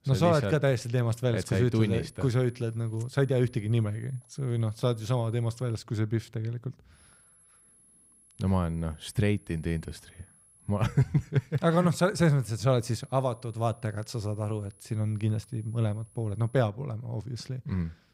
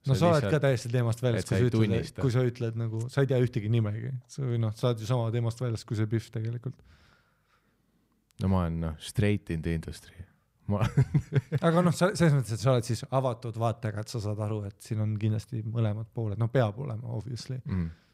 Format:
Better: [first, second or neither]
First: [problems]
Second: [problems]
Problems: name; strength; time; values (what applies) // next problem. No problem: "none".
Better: second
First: high-pitched whine; faint; from 2 to 6 s, from 7 to 11 s and from 13 to 17 s; 11 kHz, 30 dB below the speech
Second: none